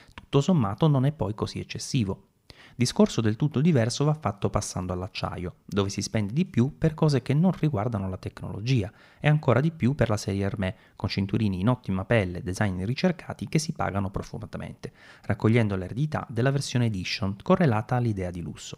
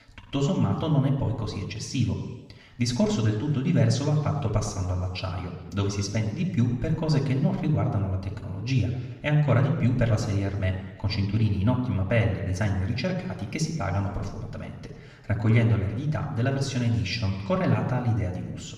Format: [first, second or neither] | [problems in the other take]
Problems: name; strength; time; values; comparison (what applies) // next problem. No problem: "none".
first | room echo; noticeable; dies away in 1.1 s // off-mic speech; somewhat distant